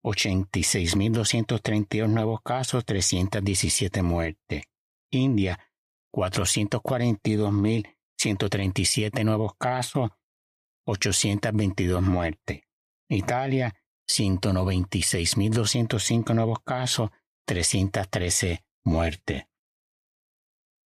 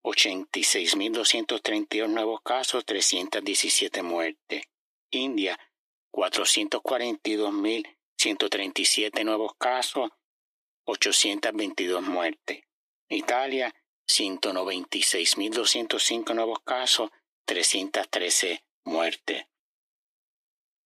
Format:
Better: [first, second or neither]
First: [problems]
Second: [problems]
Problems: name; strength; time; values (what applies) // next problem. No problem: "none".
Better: first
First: none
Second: thin; somewhat; fading below 300 Hz